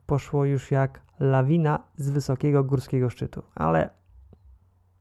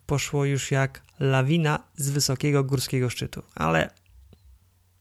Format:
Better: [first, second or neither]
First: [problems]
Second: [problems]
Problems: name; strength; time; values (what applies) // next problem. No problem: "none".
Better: second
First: muffled; very; fading above 1.5 kHz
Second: none